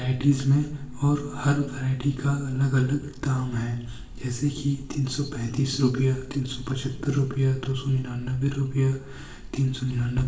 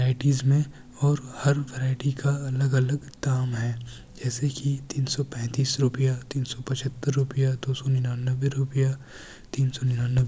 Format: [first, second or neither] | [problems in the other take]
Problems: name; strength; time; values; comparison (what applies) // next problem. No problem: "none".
second | room echo; dies away in 0.8 s